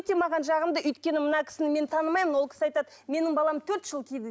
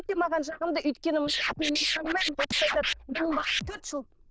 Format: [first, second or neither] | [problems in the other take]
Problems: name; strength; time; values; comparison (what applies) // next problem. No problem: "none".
first | noise reduction (neural diffusion model UNIVERSE++)